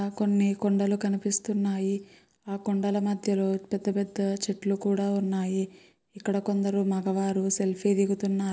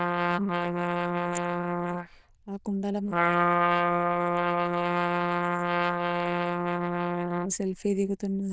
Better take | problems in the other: first | noise reduction (neural diffusion model UNIVERSE++)

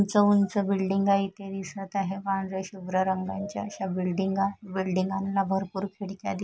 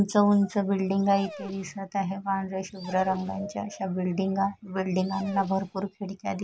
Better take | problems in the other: first | background sound (Dog); 19 dB below the speech

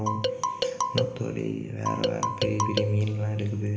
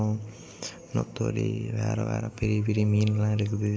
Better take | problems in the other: second | background sound (Marimba, xylophone); 1 dB below the speech // room echo; dies away in 1.1 s

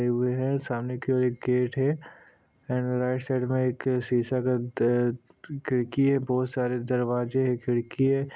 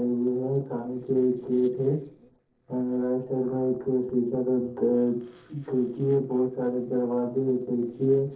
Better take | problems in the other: first | noise reduction (neural separator model SepFormer DNS4)

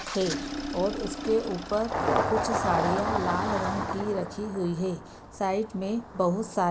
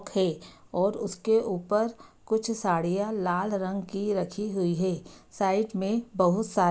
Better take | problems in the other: second | background sound (Engine starting); 2 dB below the speech

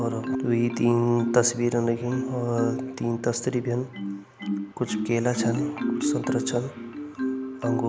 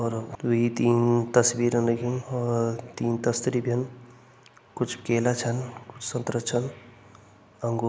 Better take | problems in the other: second | background sound (Marimba, xylophone); 4 dB below the speech

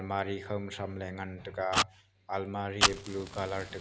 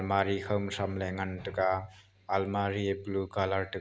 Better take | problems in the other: second | background sound (Fire); as loud as the speech

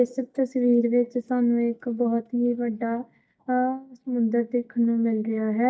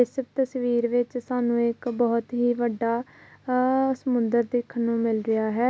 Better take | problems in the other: second | noise reduction (neural mask model DeepFilterNet 3)

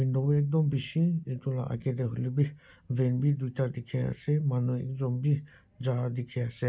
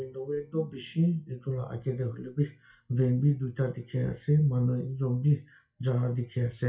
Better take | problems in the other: first | noise reduction (classical method WPE with log-MMSE)

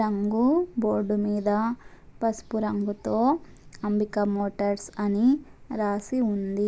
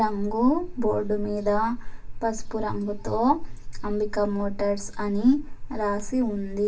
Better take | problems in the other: first | room echo; dies away in 0.2 s

